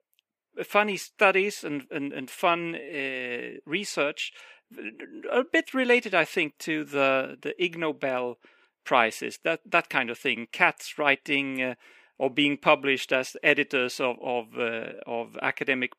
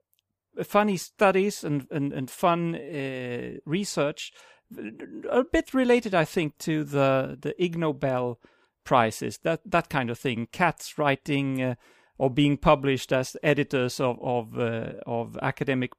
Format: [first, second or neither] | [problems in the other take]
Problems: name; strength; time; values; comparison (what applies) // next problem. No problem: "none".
second | thin; very slightly; fading below 300 Hz